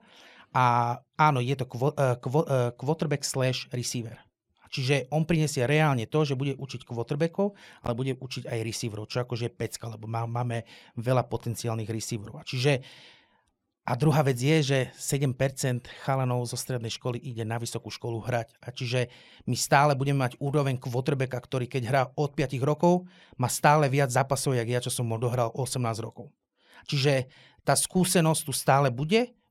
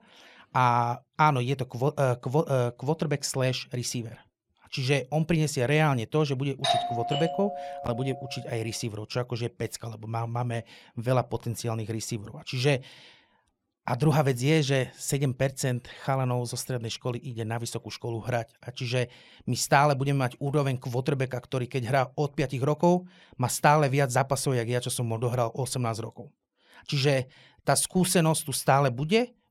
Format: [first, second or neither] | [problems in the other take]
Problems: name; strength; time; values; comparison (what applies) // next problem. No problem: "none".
first | doorbell; loud; from 6.5 to 8 s; peak 1 dB above the speech